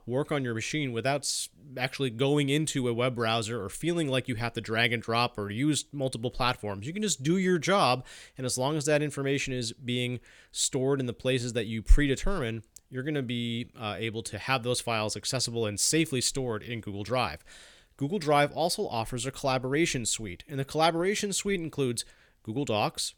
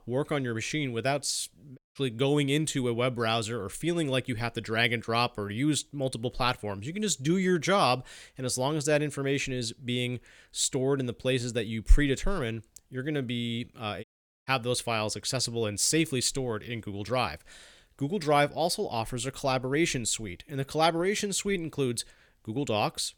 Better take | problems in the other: first | audio cutting out; at 2 s and at 14 s

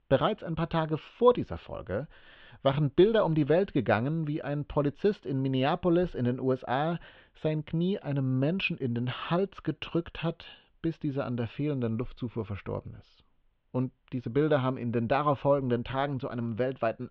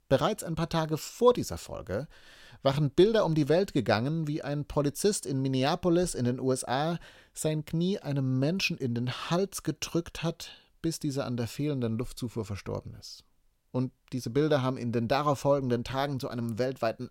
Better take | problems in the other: second | muffled; very; fading above 3 kHz

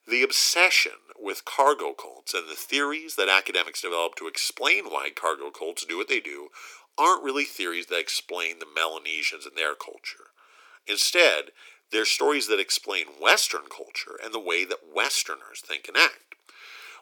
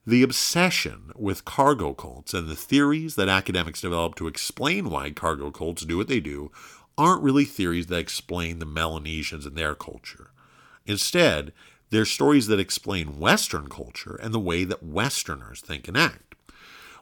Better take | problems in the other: second | thin; very; fading below 350 Hz

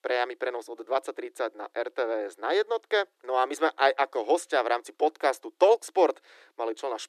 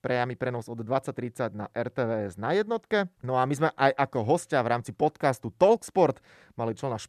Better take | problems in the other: second | thin; very; fading below 300 Hz

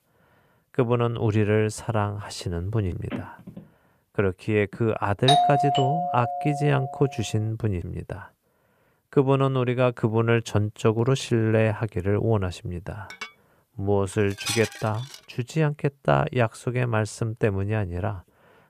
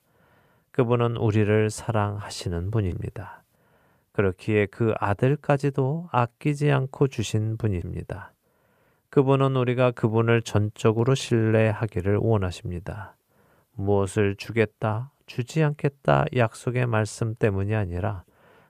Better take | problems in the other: second | phone ringing; faint; from 3 to 5 s; peak 10 dB below the speech // doorbell; loud; from 5.5 to 7 s; peak 6 dB above the speech // clattering dishes; noticeable; from 13 to 15 s; peak 3 dB below the speech

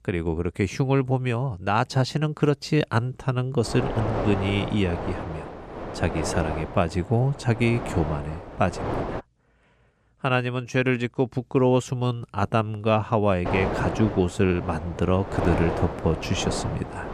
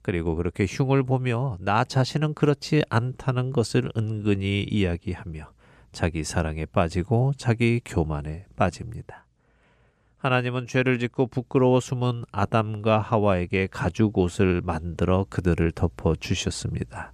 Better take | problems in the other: second | wind noise on the microphone; heavy; from 3.5 to 9 s and from 13 s on; 5 dB below the speech

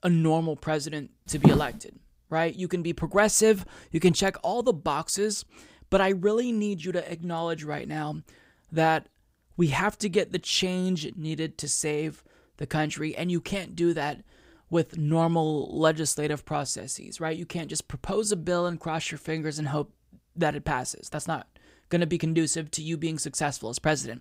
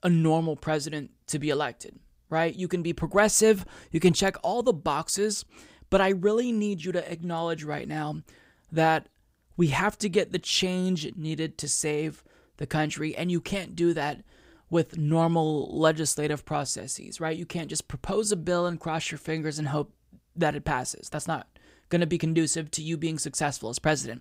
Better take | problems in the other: second | footsteps; loud; at 1.5 s; peak 6 dB above the speech

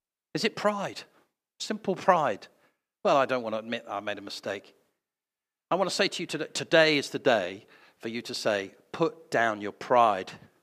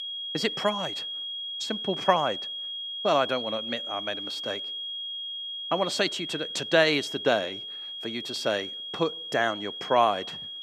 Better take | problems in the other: first | high-pitched whine; loud; throughout; 3.5 kHz, 5 dB below the speech

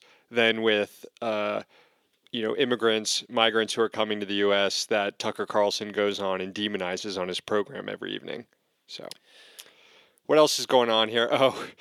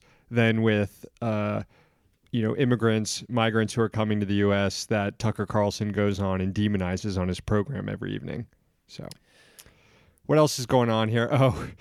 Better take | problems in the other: second | thin; somewhat; fading below 400 Hz

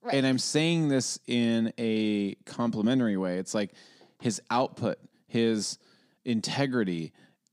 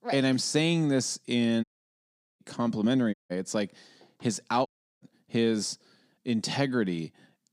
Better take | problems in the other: first | audio cutting out; at 1.5 s for 1 s, at 3 s and at 4.5 s

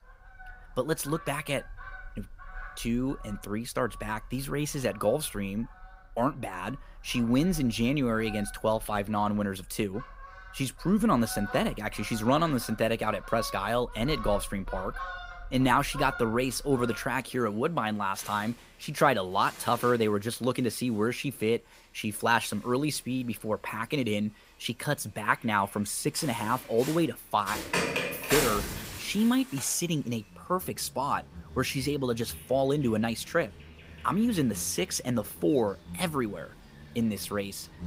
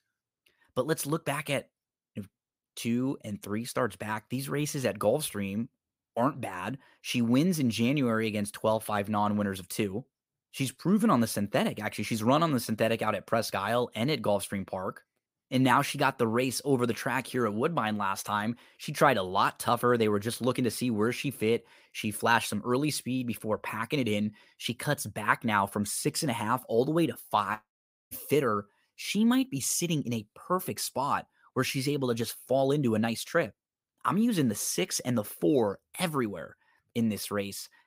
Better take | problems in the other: second | animal sounds; noticeable; throughout; 10 dB below the speech

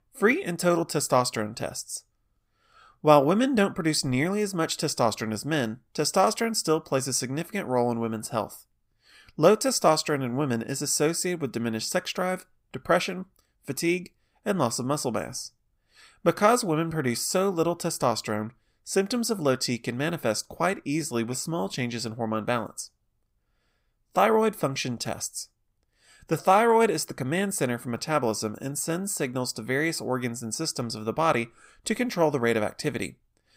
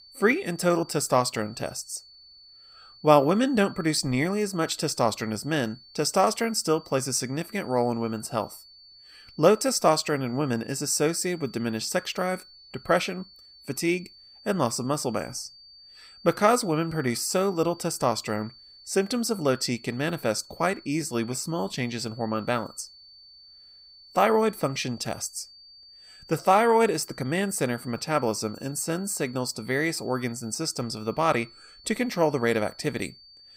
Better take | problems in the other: first | high-pitched whine; faint; throughout; 4.5 kHz, 20 dB below the speech

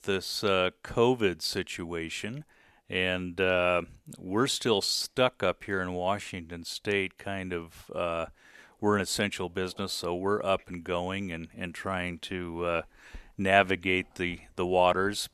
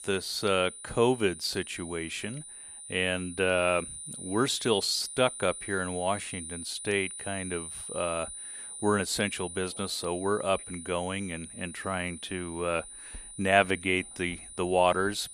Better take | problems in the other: first | high-pitched whine; noticeable; throughout; 9.5 kHz, 10 dB below the speech

